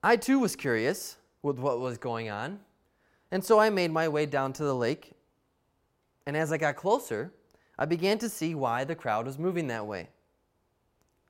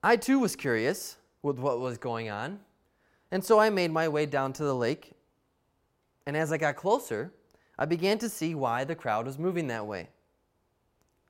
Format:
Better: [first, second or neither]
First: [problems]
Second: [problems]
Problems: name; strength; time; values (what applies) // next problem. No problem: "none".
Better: neither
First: none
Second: none